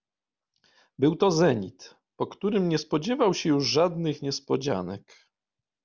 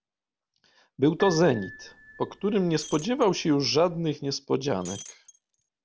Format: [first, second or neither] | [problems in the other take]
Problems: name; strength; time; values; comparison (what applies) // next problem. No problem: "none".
first | background sound (Shatter + Piano); 17 dB below the speech